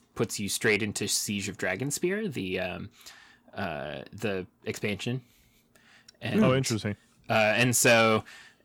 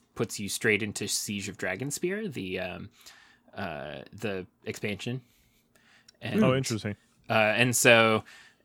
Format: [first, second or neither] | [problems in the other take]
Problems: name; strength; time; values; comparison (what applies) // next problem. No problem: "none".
second | distortion; slight; 10 dB below the speech